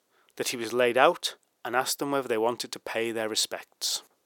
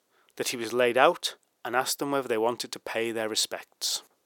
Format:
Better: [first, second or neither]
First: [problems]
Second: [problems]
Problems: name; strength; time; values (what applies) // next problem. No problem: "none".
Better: neither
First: thin; somewhat; fading below 450 Hz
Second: thin; somewhat; fading below 450 Hz